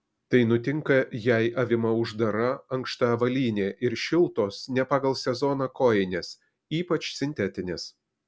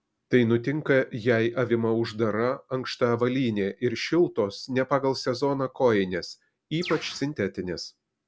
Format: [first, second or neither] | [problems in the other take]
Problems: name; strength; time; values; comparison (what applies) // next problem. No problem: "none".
first | background sound (Bird); 11 dB below the speech